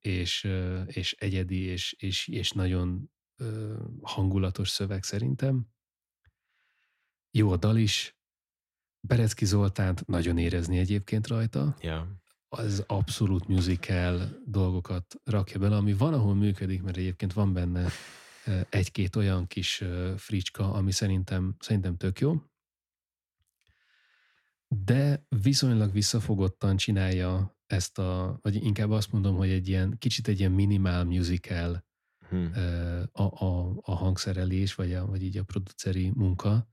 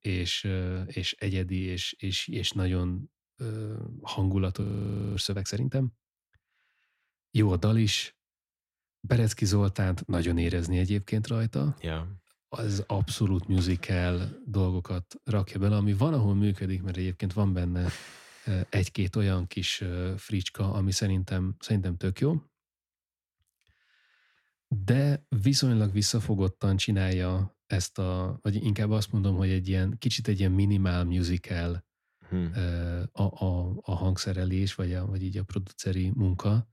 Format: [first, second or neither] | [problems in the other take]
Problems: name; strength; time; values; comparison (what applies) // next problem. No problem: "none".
first | audio freezing; at 4.5 s for 0.5 s